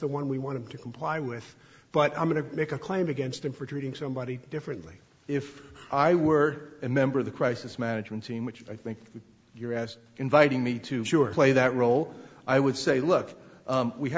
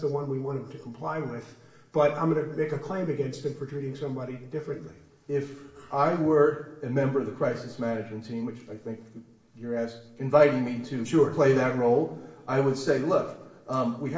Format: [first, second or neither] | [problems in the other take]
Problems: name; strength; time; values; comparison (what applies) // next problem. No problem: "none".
first | room echo; dies away in 0.8 s